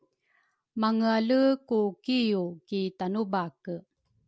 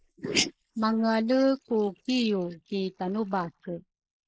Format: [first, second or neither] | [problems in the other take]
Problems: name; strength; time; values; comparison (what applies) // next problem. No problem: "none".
first | noise reduction (neural mask model Resemble Enhance denoiser)